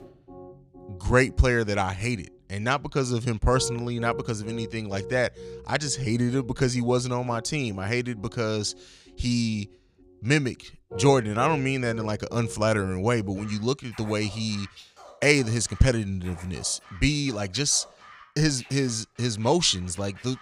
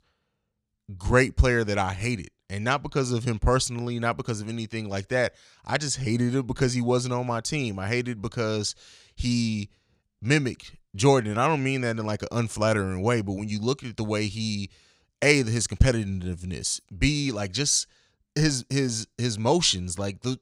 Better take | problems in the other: second | background music; noticeable; throughout; 15 dB below the speech

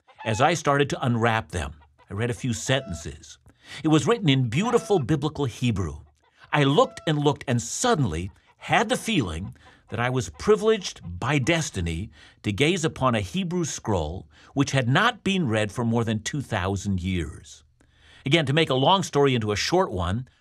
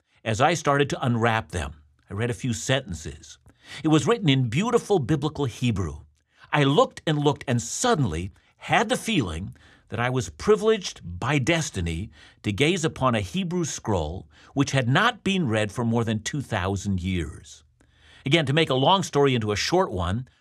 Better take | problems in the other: second | animal sounds; faint; throughout; 25 dB below the speech

